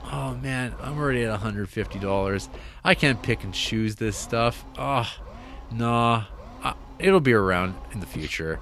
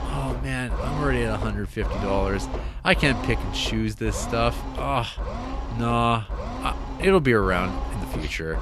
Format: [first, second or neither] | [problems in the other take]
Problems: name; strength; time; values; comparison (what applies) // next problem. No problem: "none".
first | low rumble; loud; throughout; 10 dB below the speech; faint in the first